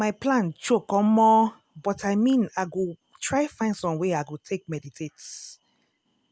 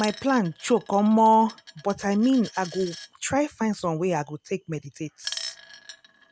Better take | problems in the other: first | background sound (Coin (dropping)); 18 dB below the speech

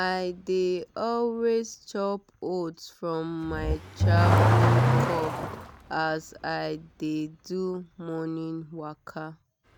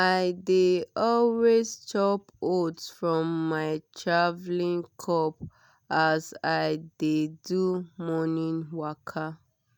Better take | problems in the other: second | background sound (Accelerating, revving, vroom / Car); 2 dB above the speech

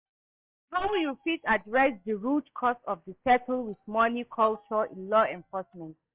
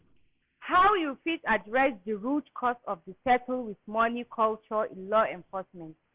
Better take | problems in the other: second | noise reduction (neural mask model DeepFilterNet 3)

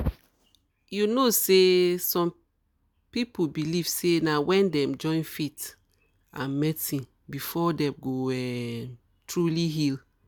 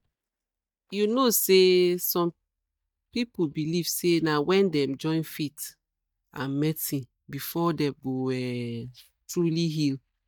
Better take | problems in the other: first | noise reduction (neural mask model DeepFilterNet 3)

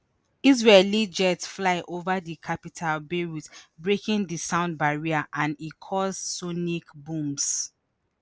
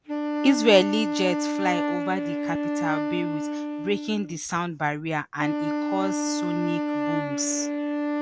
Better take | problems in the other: first | background sound (Wind instrument, woodwind instrument); 1 dB below the speech

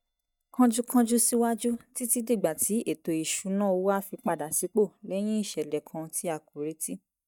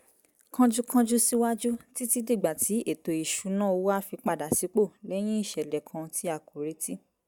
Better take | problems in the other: second | noise reduction (neural mask model DeepFilterNet 3)

